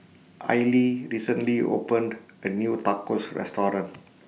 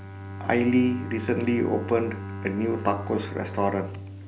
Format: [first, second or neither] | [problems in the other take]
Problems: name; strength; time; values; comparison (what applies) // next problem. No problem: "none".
first | background sound (Bowed string instrument); 9 dB below the speech